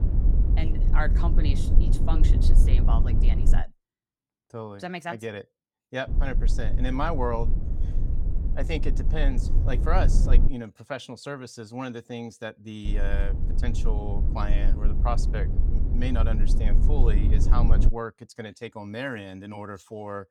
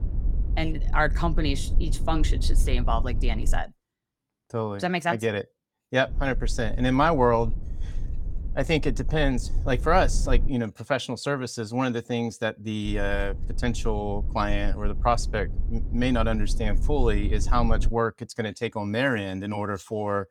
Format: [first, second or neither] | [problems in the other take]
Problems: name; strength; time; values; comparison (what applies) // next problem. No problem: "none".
second | low rumble; loud; until 3.5 s, from 6 to 10 s and from 13 to 18 s; 7 dB below the speech; faint in the second